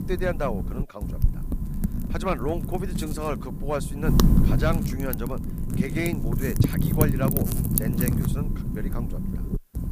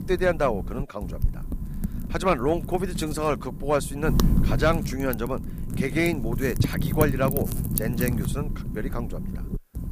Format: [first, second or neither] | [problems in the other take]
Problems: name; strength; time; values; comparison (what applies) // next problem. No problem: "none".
second | wind noise on the microphone; heavy; 3 dB below the speech; occasional gusts in the second